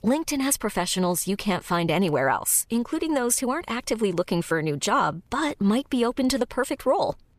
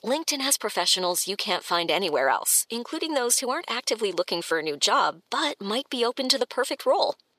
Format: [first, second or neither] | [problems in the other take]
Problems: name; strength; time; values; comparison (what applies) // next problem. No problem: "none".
first | thin; somewhat; fading below 450 Hz